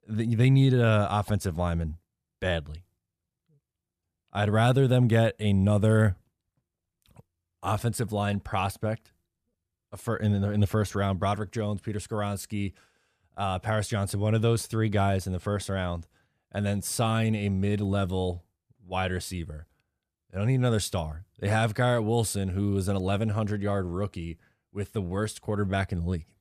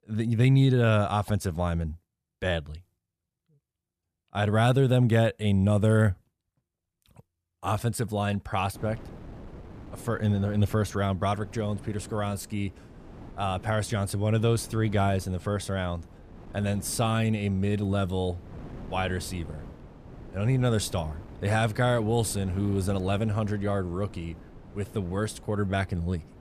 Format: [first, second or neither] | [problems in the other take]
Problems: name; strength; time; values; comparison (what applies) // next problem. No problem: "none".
first | wind noise on the microphone; occasional gusts; from 9 s on; 20 dB below the speech